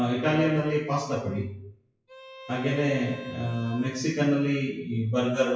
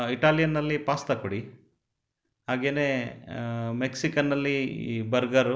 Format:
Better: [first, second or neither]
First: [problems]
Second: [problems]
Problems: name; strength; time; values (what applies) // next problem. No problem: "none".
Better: second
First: noise reduction (classical method WPE with log-MMSE)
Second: none